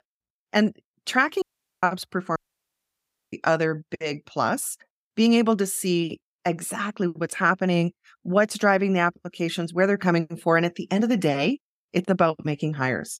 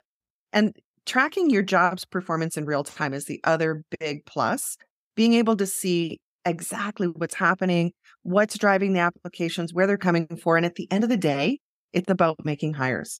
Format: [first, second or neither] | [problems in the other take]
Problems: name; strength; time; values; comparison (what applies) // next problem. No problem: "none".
second | audio cutting out; at 1.5 s and at 2.5 s for 1 s